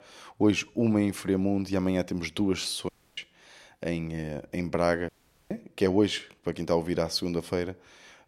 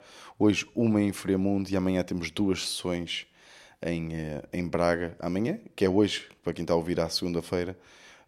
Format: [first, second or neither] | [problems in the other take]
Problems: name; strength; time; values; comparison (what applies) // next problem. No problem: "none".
second | audio cutting out; at 3 s and at 5 s